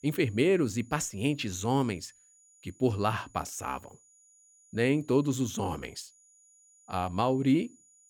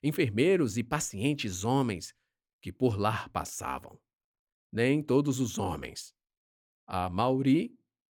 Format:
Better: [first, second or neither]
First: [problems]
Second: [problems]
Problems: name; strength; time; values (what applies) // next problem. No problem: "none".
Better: second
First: high-pitched whine; faint; throughout; 7 kHz, 30 dB below the speech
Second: none